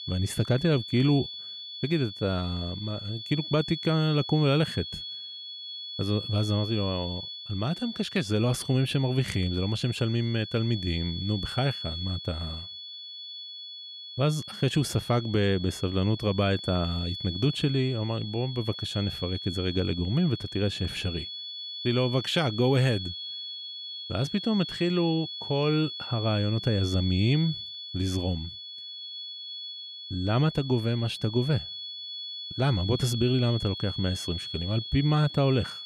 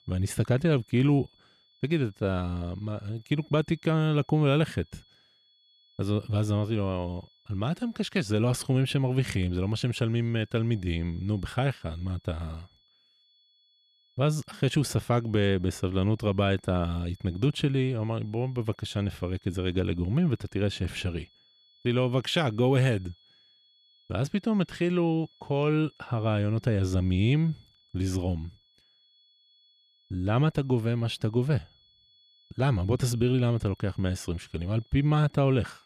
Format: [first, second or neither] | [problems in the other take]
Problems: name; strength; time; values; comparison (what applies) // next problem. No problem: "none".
second | high-pitched whine; loud; throughout; 3.5 kHz, 8 dB below the speech; faint in the second